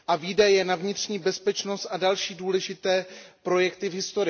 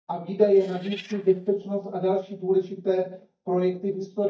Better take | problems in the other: first | noise reduction (neural mask model DeepFilterNet 3)

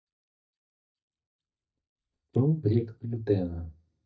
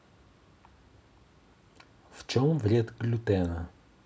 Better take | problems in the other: second | noise reduction (neural mask model DeepFilterNet 3)

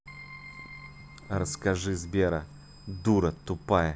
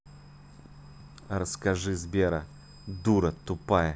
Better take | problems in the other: second | background sound (Bowed string instrument + Keyboard (musical)); 17 dB below the speech

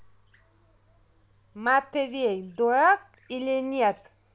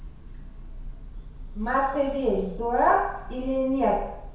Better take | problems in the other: first | background sound (Bird / Breathing); 11 dB below the speech // room echo; dies away in 0.7 s

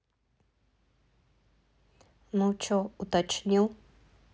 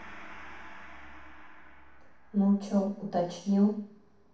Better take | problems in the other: first | background sound (Gong); 16 dB below the speech // room echo; dies away in 0.6 s

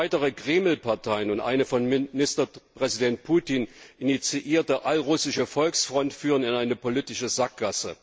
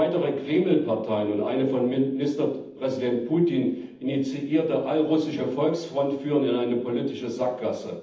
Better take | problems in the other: first | room echo; dies away in 0.8 s

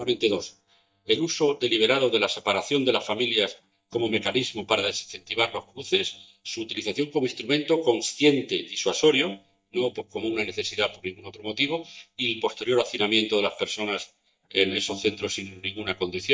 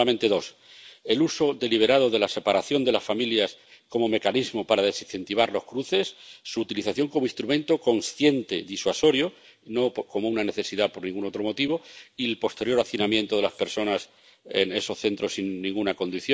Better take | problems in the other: second | noise reduction (neural mask model DeepFilterNet 3)

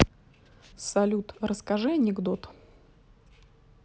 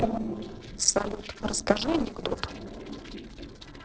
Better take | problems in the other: first | noise reduction (neural separator model SepFormer DNS4)

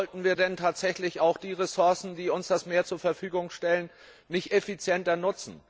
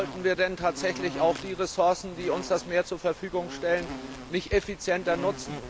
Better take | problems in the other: first | background sound (Insect); 11 dB below the speech

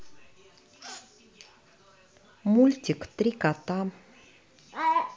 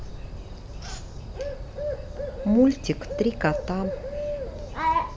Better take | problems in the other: first | background sound (Bird); 6 dB below the speech

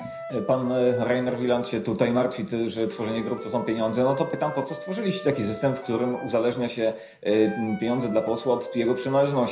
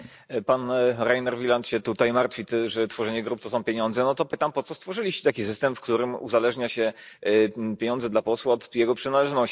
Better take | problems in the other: second | background sound (Wind instrument, woodwind instrument); 14 dB below the speech // room echo; dies away in 0.5 s

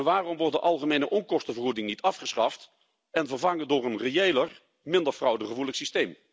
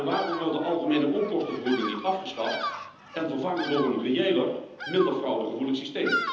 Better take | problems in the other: first | background sound (Bird vocalization, bird call, bird song); 9 dB below the speech // room echo; dies away in 0.9 s

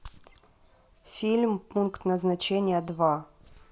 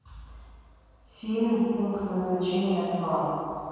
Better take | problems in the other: first | room echo; dies away in 2.1 s

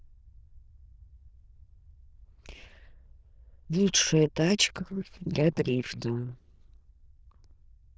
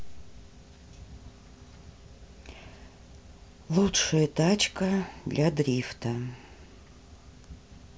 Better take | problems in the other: second | noise reduction (neural diffusion model UNIVERSE++)

